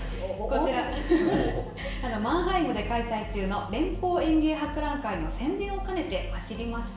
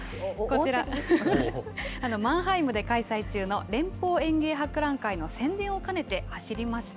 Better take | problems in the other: second | room echo; dies away in 0.7 s

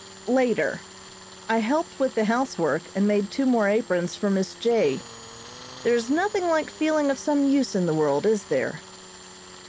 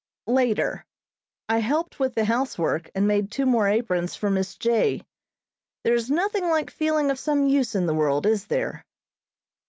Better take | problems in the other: second | background sound (Tools); 19 dB below the speech

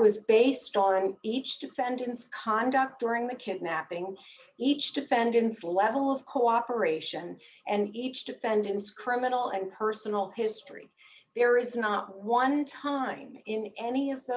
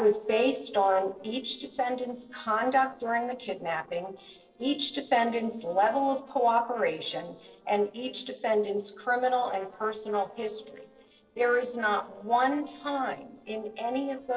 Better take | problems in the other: first | noise reduction (neural separator model SepFormer DNS4)

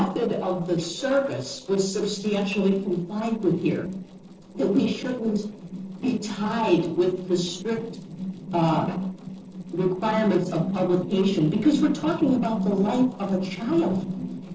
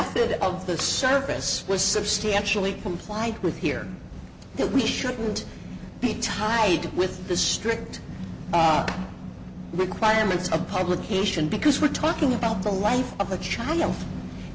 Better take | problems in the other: second | noise reduction (neural separator model SepFormer DNS4)

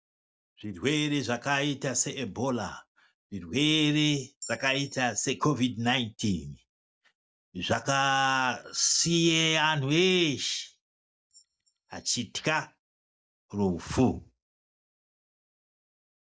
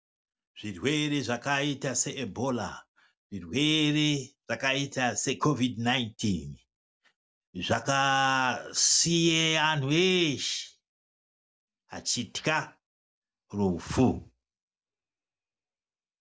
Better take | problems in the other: second | noise reduction (neural mask model DeepFilterNet 3)

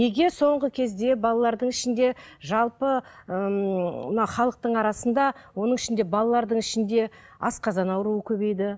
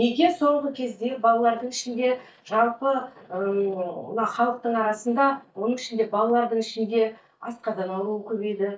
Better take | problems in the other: first | noise reduction (neural mask model DeepFilterNet 3)

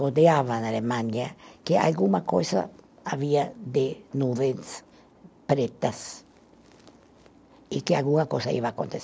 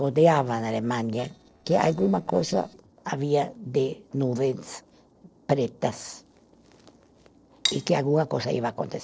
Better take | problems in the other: first | noise reduction (neural separator model SepFormer DNS4)

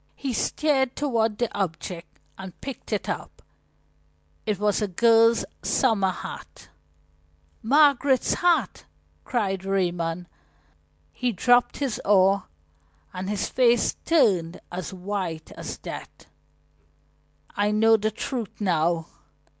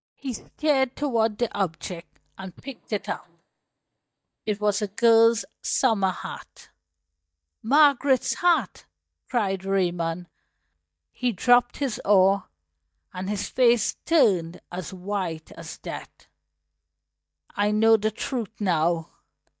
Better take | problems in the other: first | noise reduction (neural mask model DeepFilterNet 3)

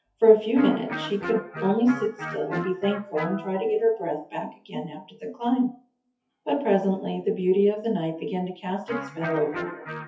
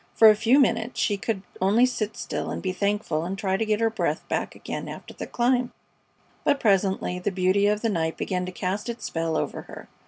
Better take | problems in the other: second | noise reduction (classical method WPE with log-MMSE)

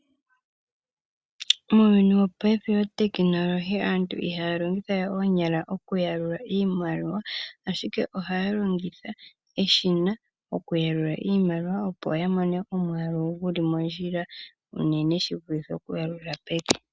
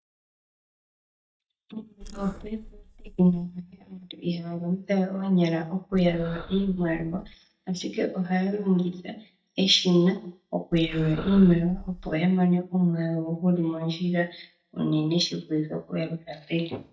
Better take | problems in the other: first | noise reduction (neural mask model DeepFilterNet 3)

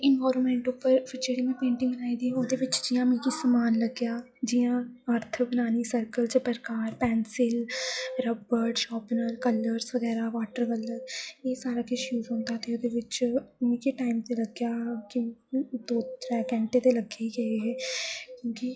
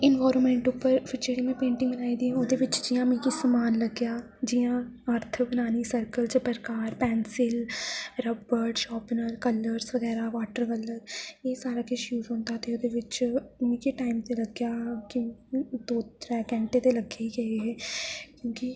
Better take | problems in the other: second | noise reduction (classical method log-MMSE)

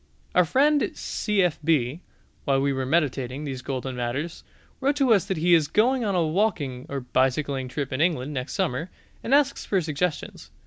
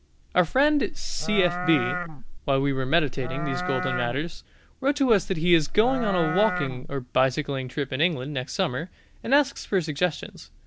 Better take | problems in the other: first | background sound (Livestock, farm animals, working animals); 3 dB below the speech

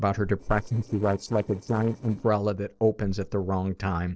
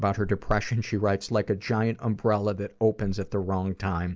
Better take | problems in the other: second | noise reduction (neural separator model SepFormer DNS4)

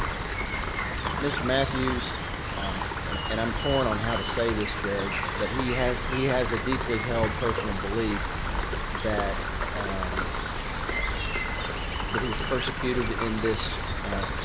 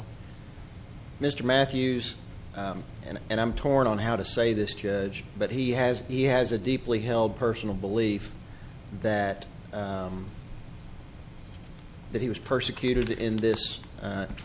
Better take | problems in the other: second | background sound (Rain); 1 dB above the speech

